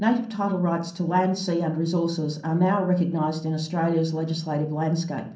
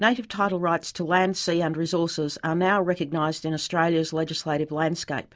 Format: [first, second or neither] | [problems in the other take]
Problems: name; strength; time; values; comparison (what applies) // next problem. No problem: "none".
second | room echo; dies away in 0.6 s